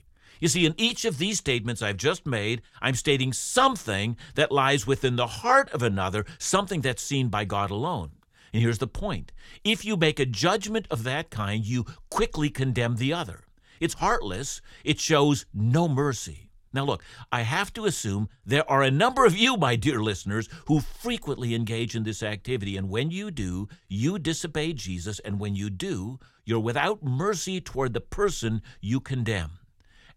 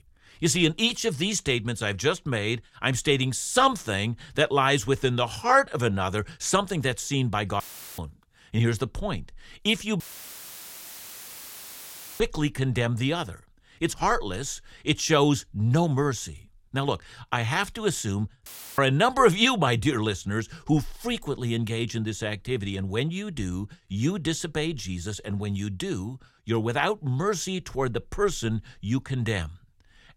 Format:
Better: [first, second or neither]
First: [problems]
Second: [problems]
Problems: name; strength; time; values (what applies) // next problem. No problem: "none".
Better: first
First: none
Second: audio cutting out; filled with static; at 7.5 s, at 10 s for 2 s and at 18 s